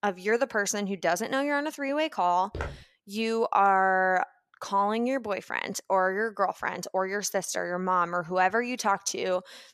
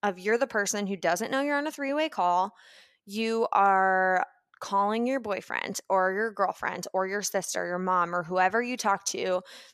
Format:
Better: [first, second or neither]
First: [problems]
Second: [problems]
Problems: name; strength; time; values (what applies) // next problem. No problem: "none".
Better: second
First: footsteps; faint; at 2.5 s; peak 10 dB below the speech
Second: none